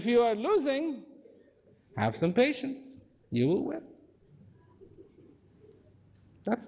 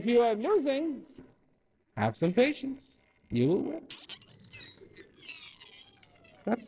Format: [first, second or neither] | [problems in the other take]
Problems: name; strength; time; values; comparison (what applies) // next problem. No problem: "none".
first | noise reduction (neural separator model SepFormer DNS4)